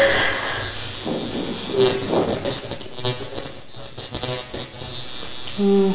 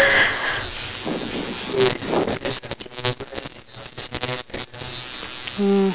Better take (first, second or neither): second